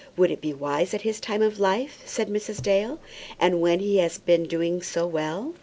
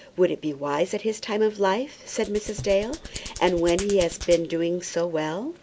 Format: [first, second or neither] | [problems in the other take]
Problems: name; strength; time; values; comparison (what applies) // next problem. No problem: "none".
first | background sound (Hands); 14 dB below the speech